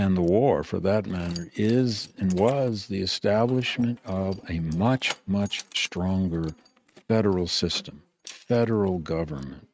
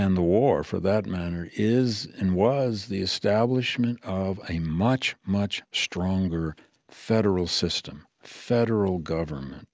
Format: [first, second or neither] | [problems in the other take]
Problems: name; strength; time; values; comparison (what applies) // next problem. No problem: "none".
second | noise reduction (neural mask model RNNoise)